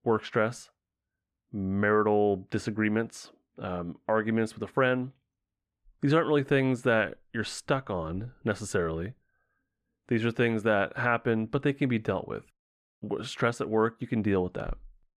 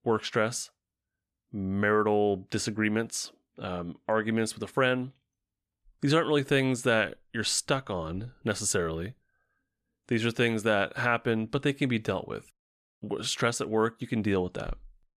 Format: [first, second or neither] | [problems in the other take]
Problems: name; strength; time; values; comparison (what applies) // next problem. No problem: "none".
second | muffled; slightly; fading above 3 kHz